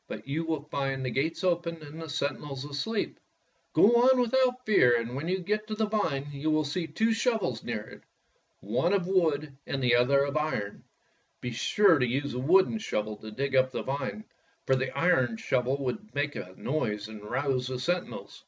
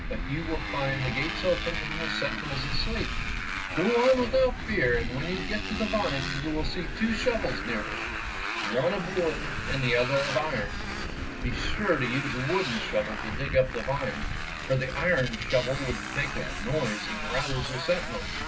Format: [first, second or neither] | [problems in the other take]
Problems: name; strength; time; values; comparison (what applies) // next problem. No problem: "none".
first | background sound (Motorcycle); 3 dB below the speech // room echo; dies away in 0.4 s